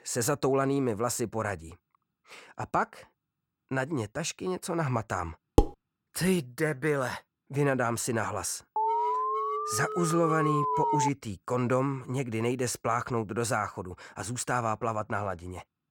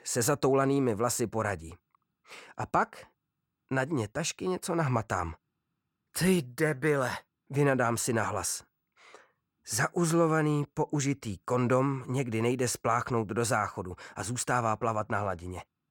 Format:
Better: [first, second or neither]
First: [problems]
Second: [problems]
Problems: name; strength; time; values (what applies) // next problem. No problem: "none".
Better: second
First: clattering dishes; loud; at 5.5 s; peak 3 dB above the speech // alarm; loud; from 9 to 11 s; peak 3 dB above the speech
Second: none